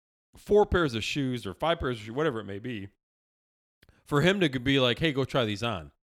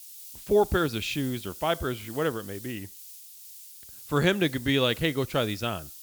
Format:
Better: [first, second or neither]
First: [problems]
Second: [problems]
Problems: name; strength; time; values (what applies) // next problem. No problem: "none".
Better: first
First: none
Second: hiss; noticeable; throughout; 15 dB below the speech